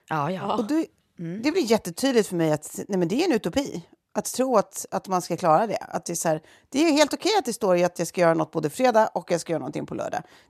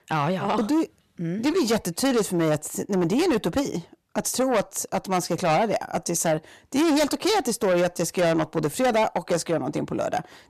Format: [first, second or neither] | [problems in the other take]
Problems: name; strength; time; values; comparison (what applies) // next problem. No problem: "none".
first | distortion; heavy; 7 dB below the speech